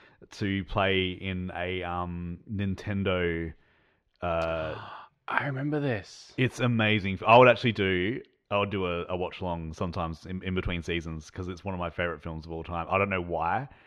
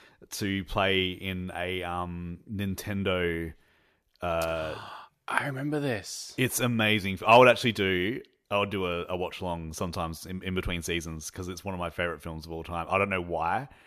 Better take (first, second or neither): second